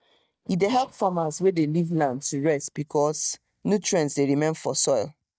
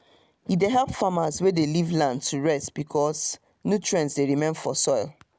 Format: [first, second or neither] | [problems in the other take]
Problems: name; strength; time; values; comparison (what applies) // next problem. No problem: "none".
second | noise reduction (neural mask model DeepFilterNet 3)